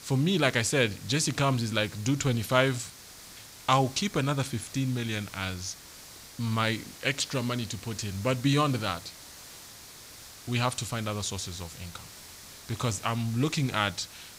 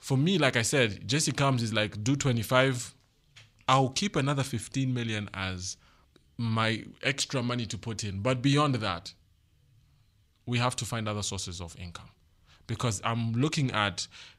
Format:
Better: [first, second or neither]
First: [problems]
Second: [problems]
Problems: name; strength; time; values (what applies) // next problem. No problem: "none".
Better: second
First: hiss; noticeable; throughout; 15 dB below the speech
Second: none